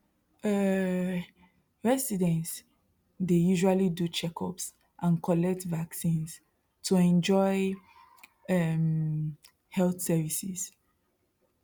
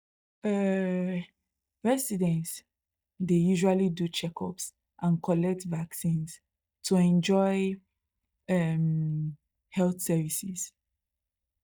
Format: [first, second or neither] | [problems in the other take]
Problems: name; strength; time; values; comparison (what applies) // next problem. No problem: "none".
first | noise reduction (neural mask model DeepFilterNet 3)